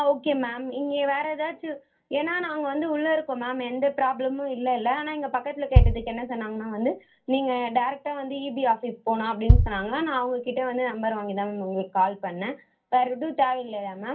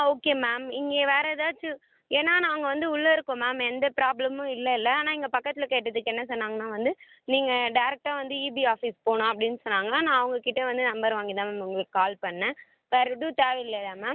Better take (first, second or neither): second